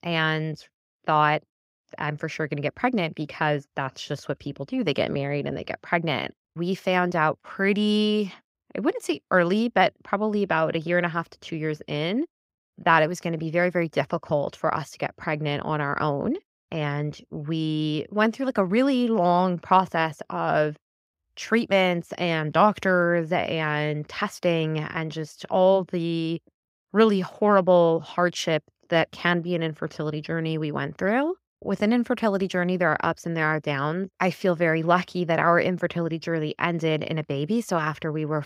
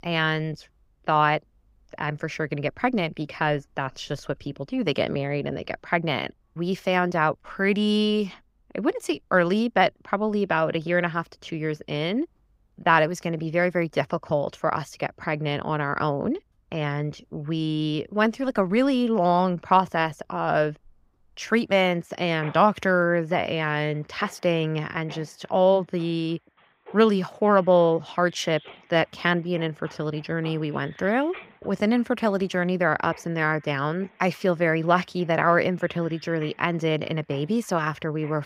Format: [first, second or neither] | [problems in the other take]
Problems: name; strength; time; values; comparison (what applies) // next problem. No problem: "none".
first | machinery noise; faint; throughout; 25 dB below the speech